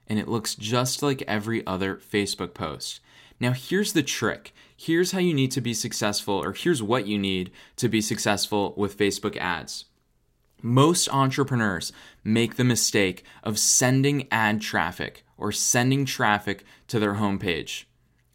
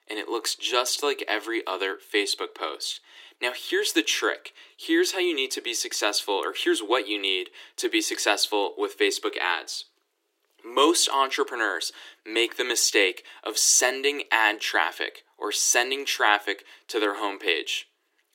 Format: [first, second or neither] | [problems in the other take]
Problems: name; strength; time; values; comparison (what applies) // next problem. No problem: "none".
first | thin; very; fading below 300 Hz